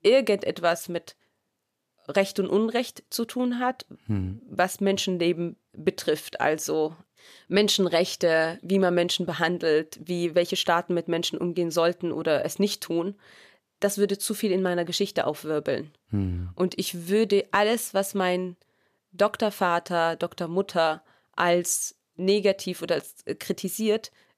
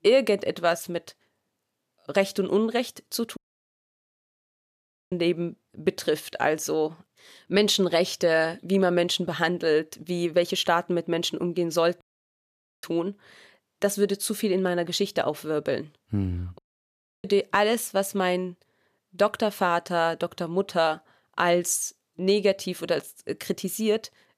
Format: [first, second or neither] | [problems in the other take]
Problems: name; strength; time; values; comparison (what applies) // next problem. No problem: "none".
first | audio cutting out; at 3.5 s for 2 s, at 12 s for 1 s and at 17 s for 0.5 s